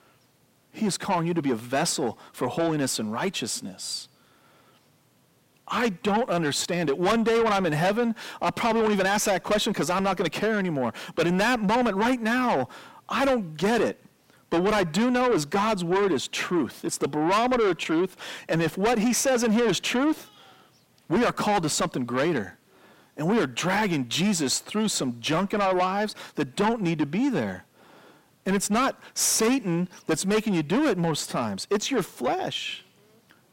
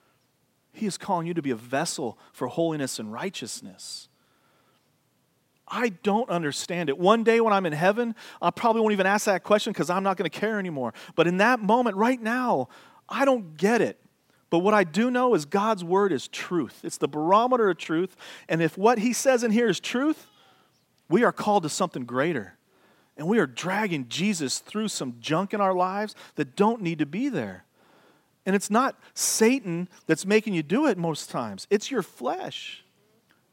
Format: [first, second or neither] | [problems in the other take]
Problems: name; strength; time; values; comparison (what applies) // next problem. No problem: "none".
second | distortion; heavy; 6 dB below the speech